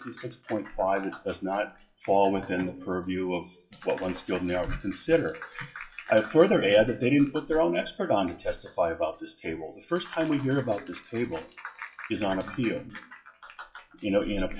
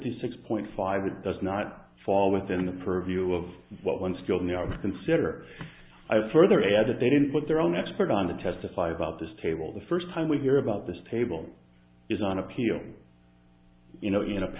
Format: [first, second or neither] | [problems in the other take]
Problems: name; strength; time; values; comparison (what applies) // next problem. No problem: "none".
second | noise reduction (classical method WPE with log-MMSE)